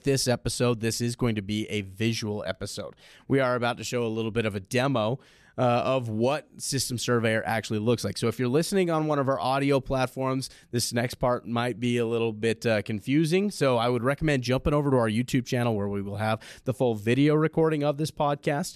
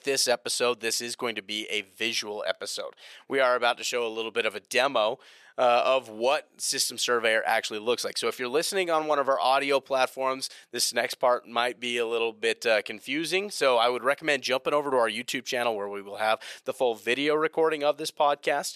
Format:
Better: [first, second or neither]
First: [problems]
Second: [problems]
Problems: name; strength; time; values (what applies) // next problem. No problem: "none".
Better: first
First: none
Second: thin; very; fading below 600 Hz